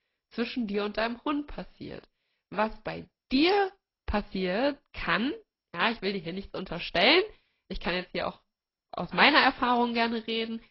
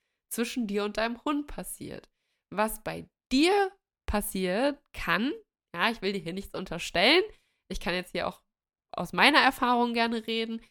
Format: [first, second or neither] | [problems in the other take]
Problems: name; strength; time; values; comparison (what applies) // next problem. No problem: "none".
second | garbled, watery; badly; nothing above 5 kHz